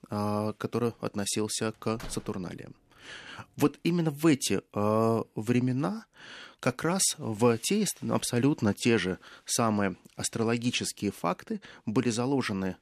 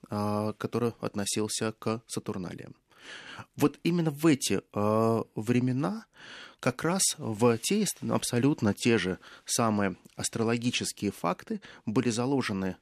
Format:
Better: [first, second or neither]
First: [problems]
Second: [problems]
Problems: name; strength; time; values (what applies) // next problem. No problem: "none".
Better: second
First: door banging; faint; at 2 s; peak 15 dB below the speech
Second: none